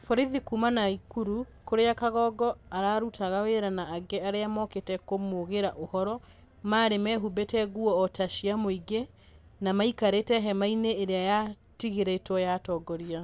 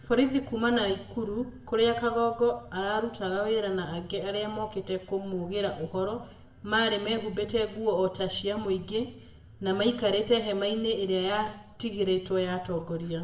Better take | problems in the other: first | room echo; dies away in 0.6 s

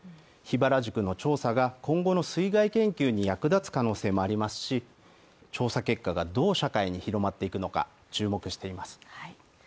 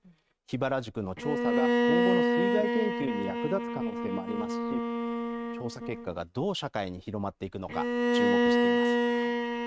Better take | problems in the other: first | noise reduction (neural mask model RNNoise)

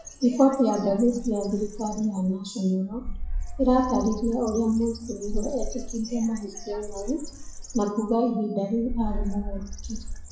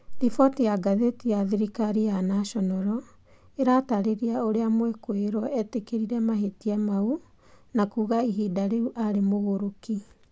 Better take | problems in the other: second | noise reduction (classical method WPE with log-MMSE)

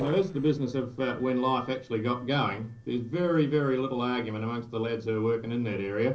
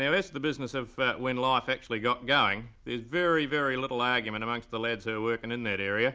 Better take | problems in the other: second | noise reduction (neural separator model SepFormer DNS4)

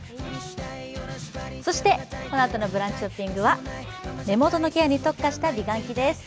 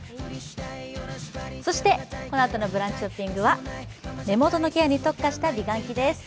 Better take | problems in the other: second | background sound (Bowed string instrument); 18 dB below the speech

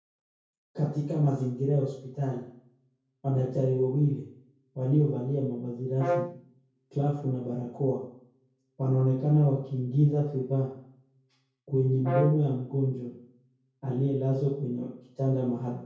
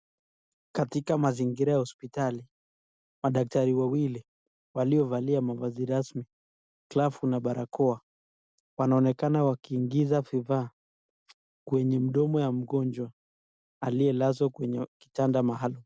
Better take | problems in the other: second | background sound (Brass instrument); 6 dB below the speech // room echo; dies away in 0.6 s

